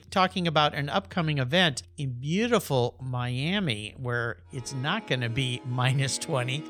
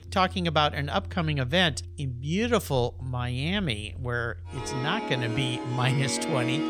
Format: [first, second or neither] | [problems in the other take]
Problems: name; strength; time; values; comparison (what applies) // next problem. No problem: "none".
first | background music; loud; throughout; 9 dB below the speech; faint in the first